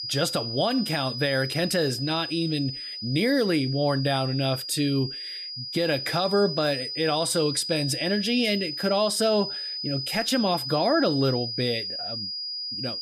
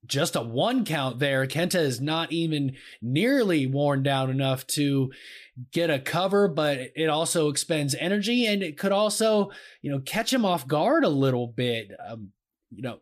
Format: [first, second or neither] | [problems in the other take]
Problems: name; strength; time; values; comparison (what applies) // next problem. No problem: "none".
second | high-pitched whine; loud; throughout; 5 kHz, 5 dB below the speech